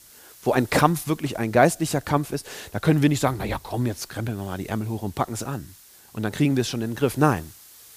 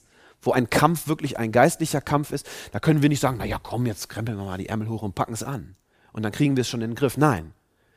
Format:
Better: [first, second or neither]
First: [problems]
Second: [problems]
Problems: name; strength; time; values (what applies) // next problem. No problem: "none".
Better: second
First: hiss; faint; throughout; 25 dB below the speech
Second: none